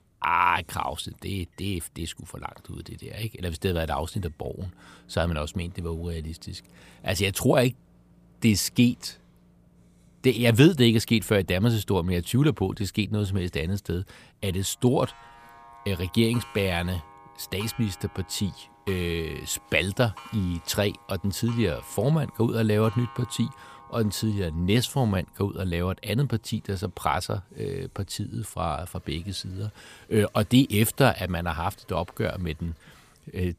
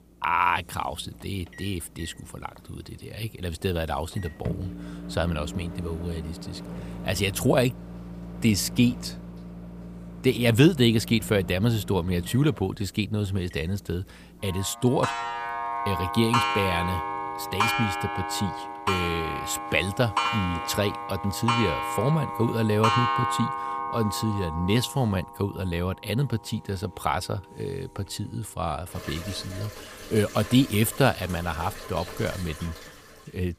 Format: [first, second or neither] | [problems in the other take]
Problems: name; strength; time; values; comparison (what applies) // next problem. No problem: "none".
first | household noises; loud; throughout; 5 dB below the speech; faint in the first